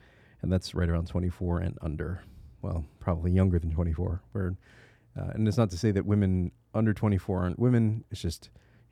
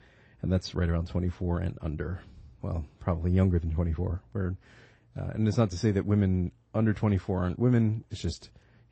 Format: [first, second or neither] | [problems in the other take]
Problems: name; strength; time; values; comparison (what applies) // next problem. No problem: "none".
first | garbled, watery; slightly; nothing above 8 kHz